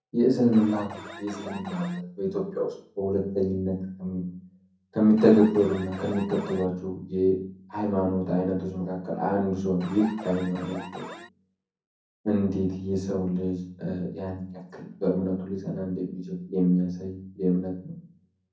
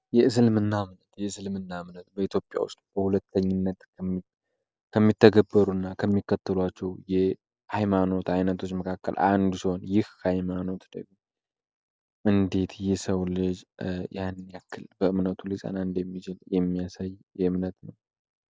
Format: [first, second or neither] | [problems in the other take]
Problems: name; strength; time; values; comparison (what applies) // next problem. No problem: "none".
second | background sound (Alarm); 13 dB below the speech // room echo; dies away in 0.6 s